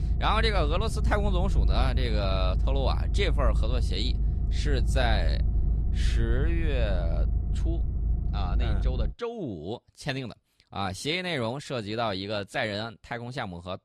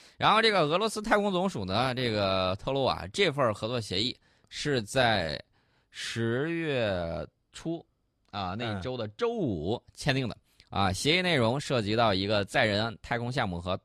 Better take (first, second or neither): second